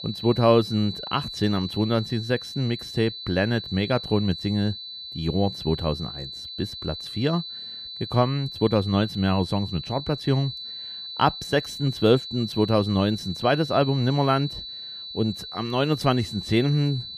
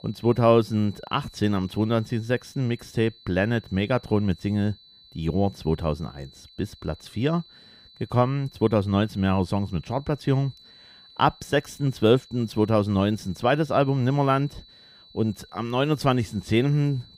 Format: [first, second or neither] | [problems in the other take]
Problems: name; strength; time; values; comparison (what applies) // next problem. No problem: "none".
second | high-pitched whine; loud; throughout; 4 kHz, 9 dB below the speech; faint in the second